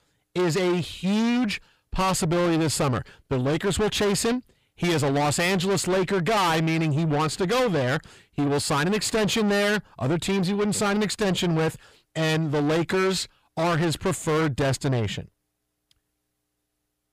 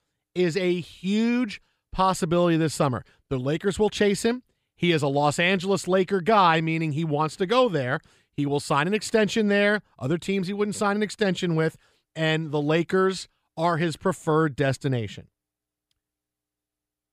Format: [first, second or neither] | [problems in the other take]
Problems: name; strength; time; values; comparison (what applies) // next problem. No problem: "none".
second | distortion; heavy; 6 dB below the speech